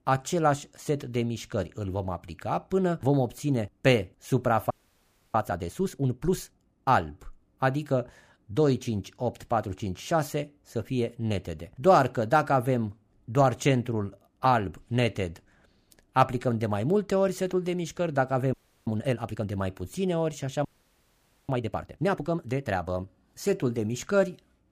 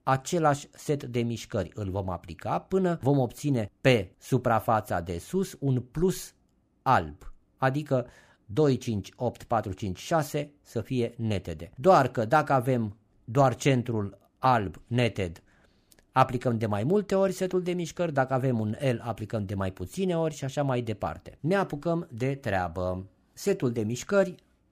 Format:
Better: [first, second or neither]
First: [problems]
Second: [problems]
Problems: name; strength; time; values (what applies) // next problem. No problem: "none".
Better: second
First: audio freezing; at 4.5 s for 0.5 s, at 19 s and at 21 s for 1 s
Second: none